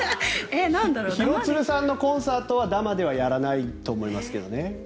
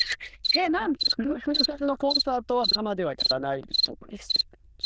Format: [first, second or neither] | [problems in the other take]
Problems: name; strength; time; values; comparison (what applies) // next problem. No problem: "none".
first | noise reduction (neural diffusion model UNIVERSE++)